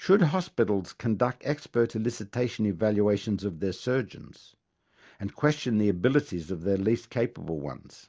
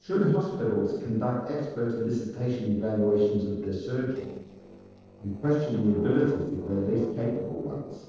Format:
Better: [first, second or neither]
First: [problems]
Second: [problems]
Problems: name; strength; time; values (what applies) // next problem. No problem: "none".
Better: first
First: none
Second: noise reduction (neural separator model SepFormer DNS4)